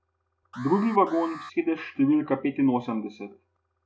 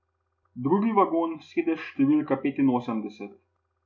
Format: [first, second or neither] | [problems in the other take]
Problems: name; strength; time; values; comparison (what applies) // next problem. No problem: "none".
second | background sound (Alarm); 17 dB below the speech